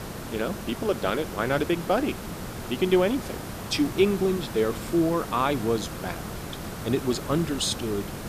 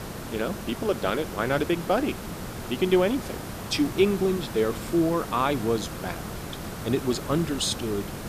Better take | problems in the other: neither | hiss; loud; throughout; 9 dB below the speech; the same in both

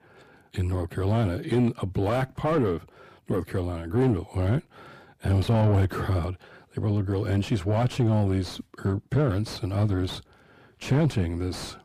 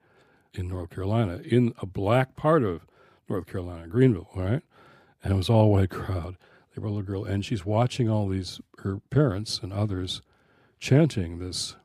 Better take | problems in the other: second | distortion; heavy; 6 dB below the speech

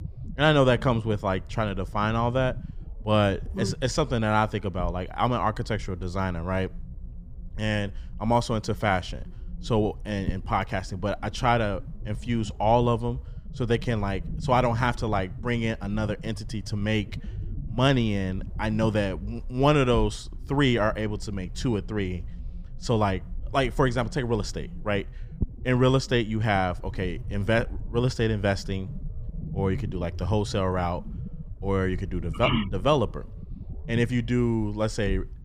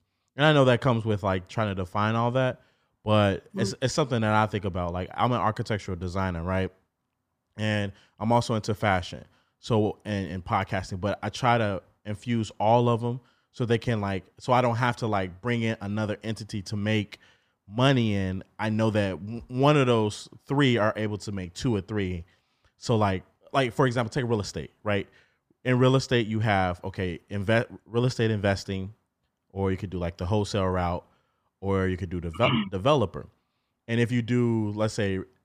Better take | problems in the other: second | low rumble; faint; throughout; 25 dB below the speech

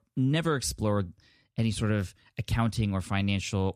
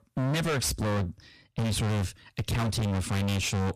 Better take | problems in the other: first | distortion; heavy; 41% of the sound clipped

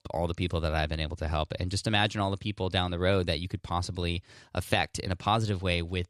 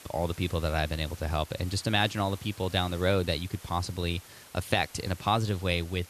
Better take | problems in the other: first | hiss; noticeable; throughout; 20 dB below the speech

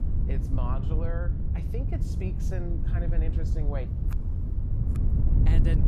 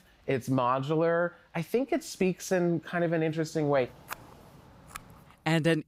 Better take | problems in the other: second | wind noise on the microphone; heavy; 2 dB below the speech

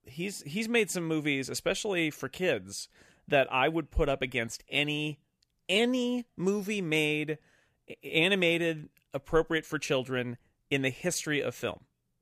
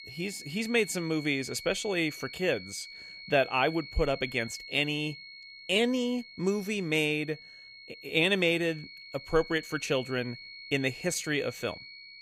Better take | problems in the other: first | high-pitched whine; noticeable; throughout; 2 kHz, 15 dB below the speech

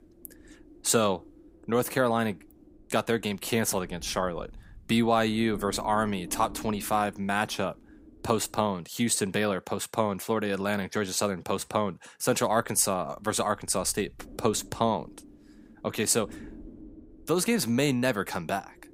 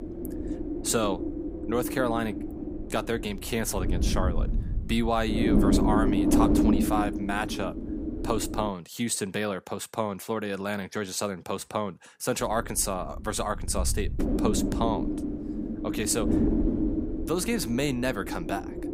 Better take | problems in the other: first | wind noise on the microphone; heavy; until 8.5 s and from 12 s on; 3 dB below the speech; occasional gusts in the first

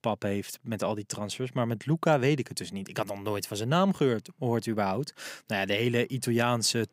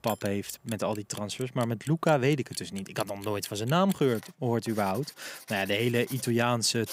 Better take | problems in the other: first | household noises; noticeable; throughout; 15 dB below the speech

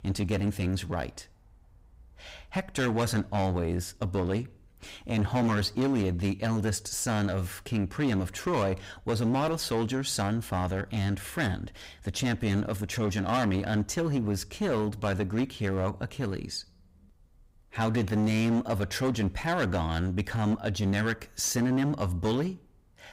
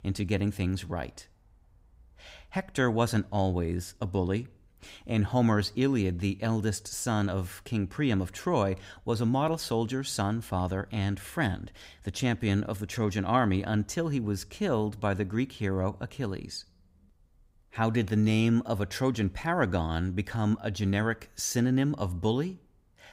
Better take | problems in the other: second | distortion; heavy; 12% of the sound clipped

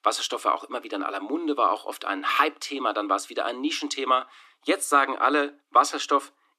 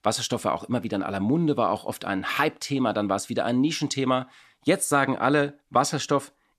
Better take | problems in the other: second | thin; somewhat; fading below 300 Hz

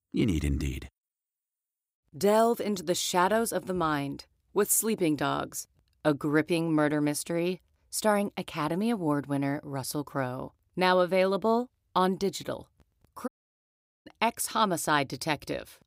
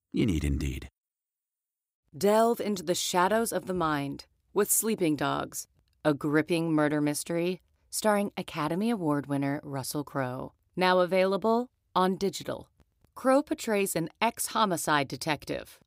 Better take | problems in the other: second | audio cutting out; at 13 s for 1 s

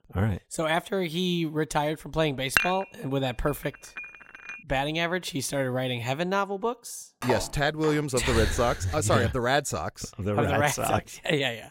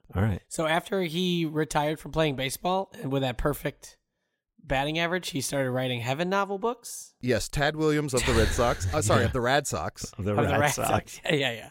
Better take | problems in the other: second | clattering dishes; loud; at 2.5 s; peak 2 dB above the speech // clattering dishes; noticeable; at 7 s; peak 6 dB below the speech

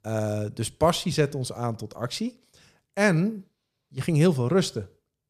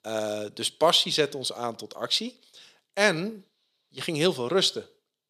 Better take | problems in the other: first | thin; somewhat; fading below 300 Hz

